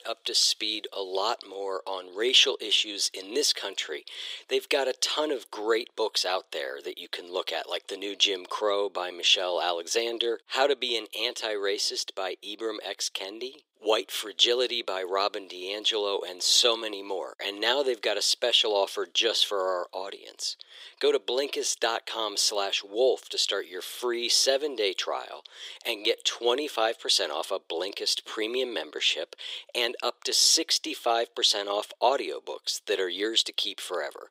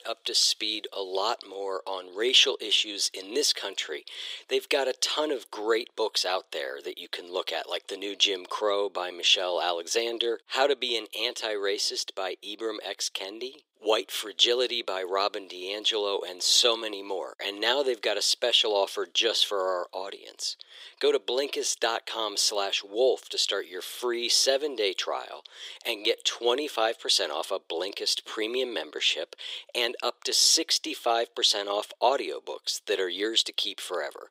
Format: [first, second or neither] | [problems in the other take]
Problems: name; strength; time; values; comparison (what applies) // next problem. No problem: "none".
neither | thin; very; fading below 400 Hz; the same in both